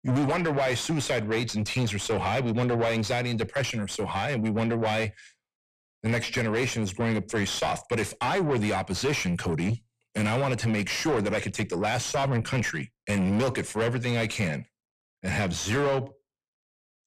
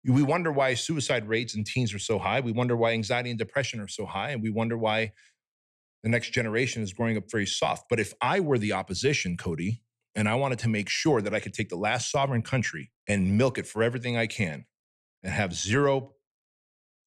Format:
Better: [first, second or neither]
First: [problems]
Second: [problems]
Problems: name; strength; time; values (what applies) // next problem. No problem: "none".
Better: second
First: distortion; heavy; 7 dB below the speech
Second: none